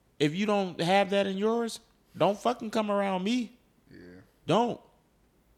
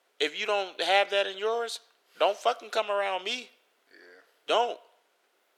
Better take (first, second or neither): first